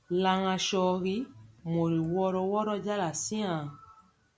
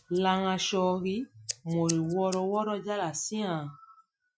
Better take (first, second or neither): first